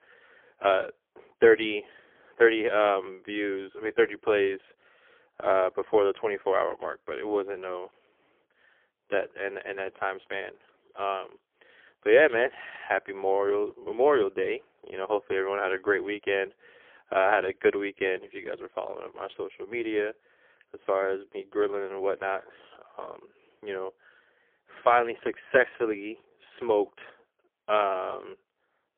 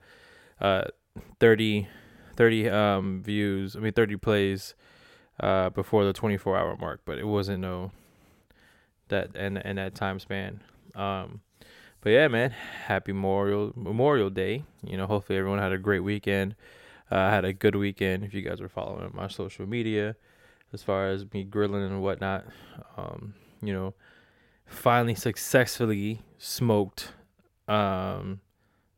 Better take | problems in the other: second | phone-call audio; poor line; nothing above 3.5 kHz

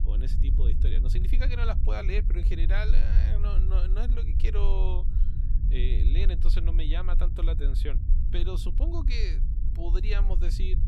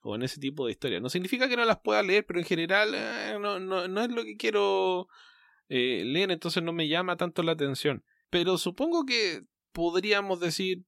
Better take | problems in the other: second | low rumble; loud; throughout; 8 dB below the speech

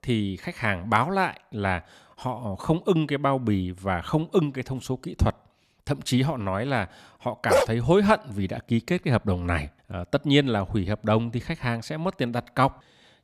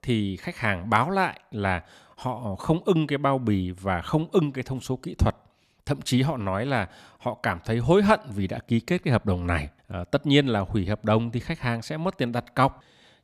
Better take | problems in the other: second | dog barking; loud; at 7.5 s; peak 3 dB above the speech

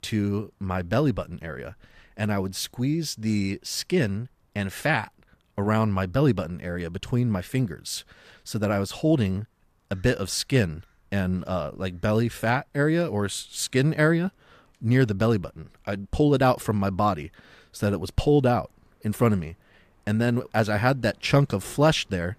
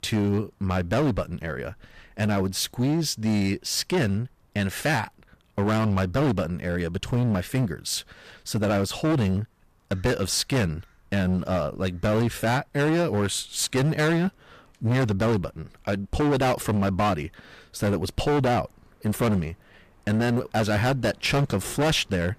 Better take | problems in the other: first | distortion; heavy; 15% of the sound clipped

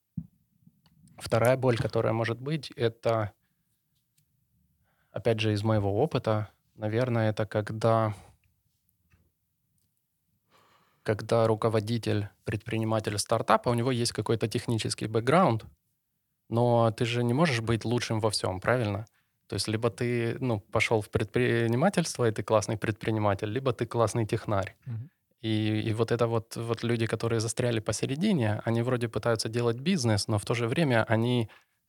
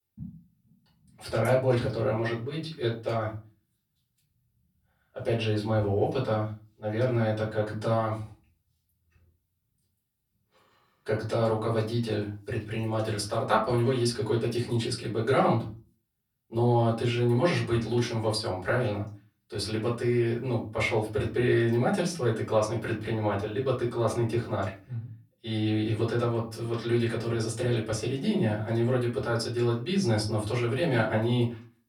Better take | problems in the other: first | room echo; slight; dies away in 0.3 s // off-mic speech; far

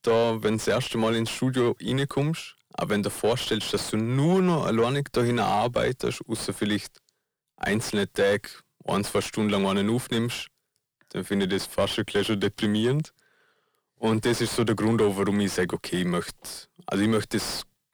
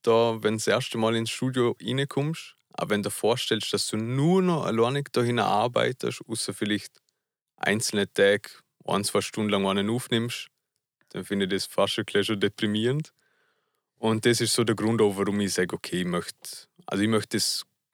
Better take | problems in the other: second | distortion; slight; 9 dB below the speech

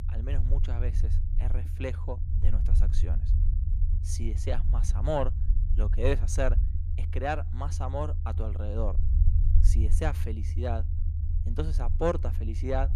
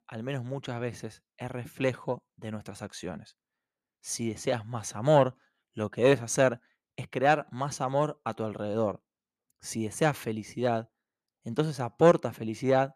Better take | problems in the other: second | low rumble; noticeable; throughout; 15 dB below the speech

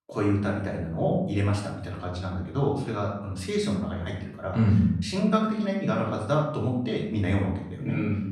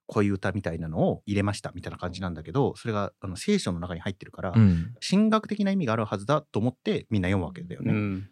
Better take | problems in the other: second | off-mic speech; far // room echo; noticeable; dies away in 0.6 s

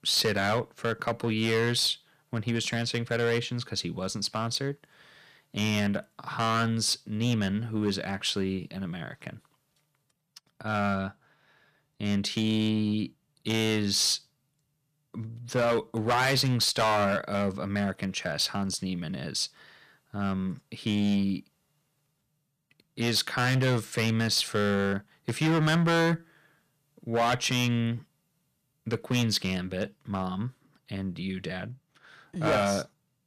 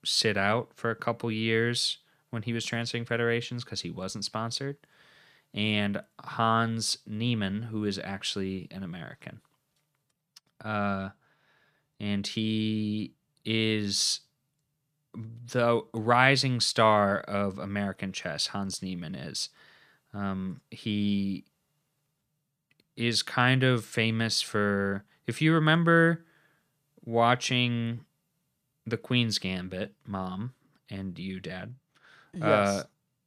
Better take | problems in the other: second | distortion; heavy; 6% of the sound clipped

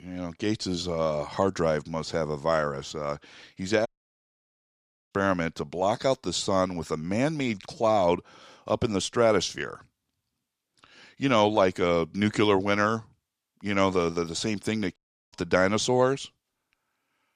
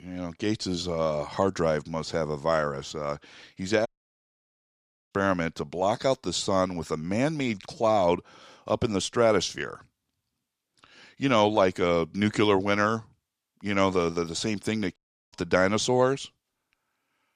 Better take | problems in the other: neither | audio cutting out; at 4 s for 1.5 s and at 15 s; the same in both

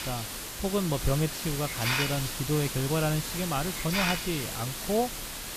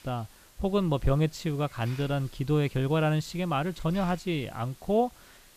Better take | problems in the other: second | hiss; loud; throughout; 1 dB below the speech; faint in the second

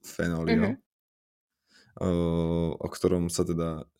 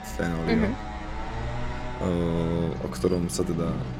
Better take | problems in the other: first | traffic noise; loud; throughout; 7 dB below the speech

